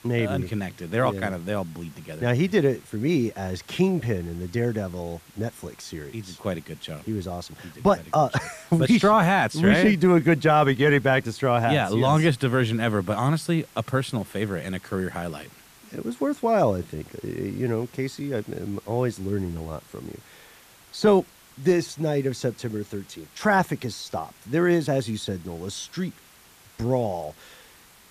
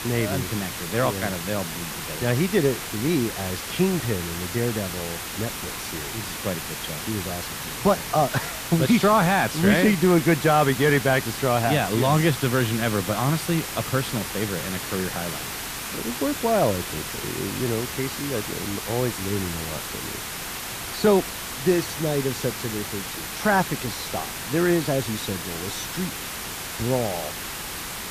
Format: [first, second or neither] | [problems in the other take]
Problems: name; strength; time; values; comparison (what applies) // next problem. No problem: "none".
first | hiss; loud; throughout; 6 dB below the speech; faint in the first